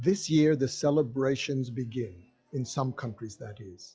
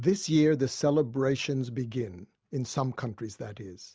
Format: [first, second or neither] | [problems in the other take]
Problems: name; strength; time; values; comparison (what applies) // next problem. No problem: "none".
second | noise reduction (classical method log-MMSE)